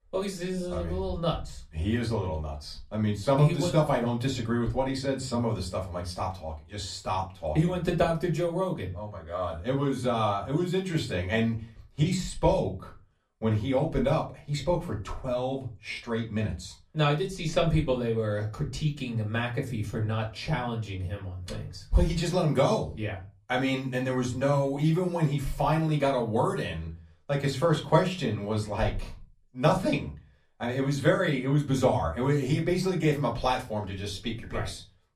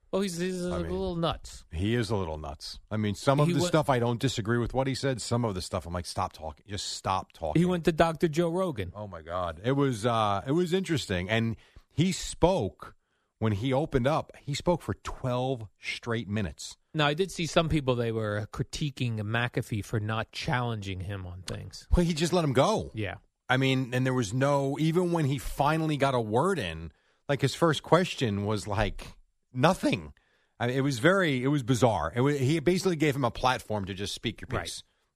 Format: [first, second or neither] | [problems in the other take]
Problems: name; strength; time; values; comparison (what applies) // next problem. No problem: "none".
second | off-mic speech; far // room echo; very slight; dies away in 0.3 s